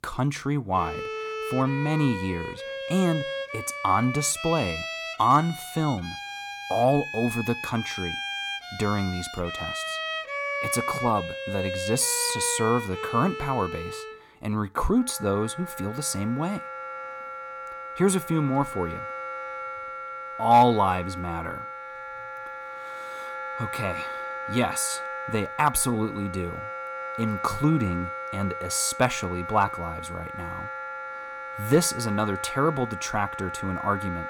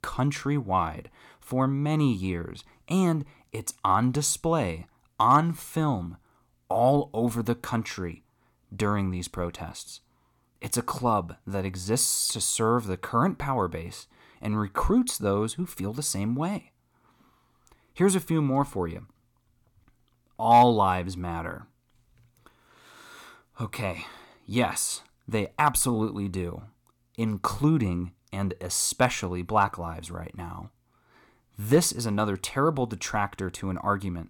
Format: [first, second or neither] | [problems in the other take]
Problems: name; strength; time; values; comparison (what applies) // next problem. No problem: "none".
second | background music; loud; throughout; 7 dB below the speech